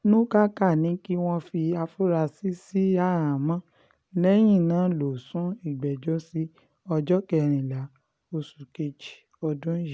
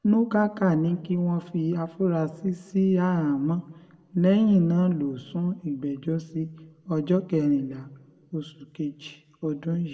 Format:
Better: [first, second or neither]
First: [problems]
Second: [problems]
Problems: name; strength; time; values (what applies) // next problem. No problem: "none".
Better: first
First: none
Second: room echo; dies away in 0.9 s